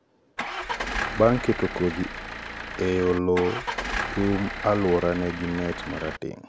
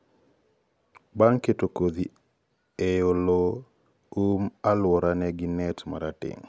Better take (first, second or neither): second